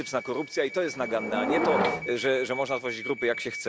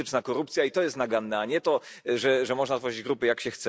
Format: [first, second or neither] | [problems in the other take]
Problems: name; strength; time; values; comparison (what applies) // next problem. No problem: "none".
second | background sound (Subway, metro, underground / Door); 3 dB below the speech